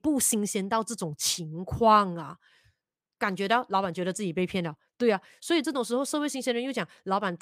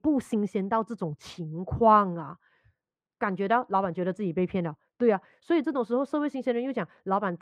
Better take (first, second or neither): first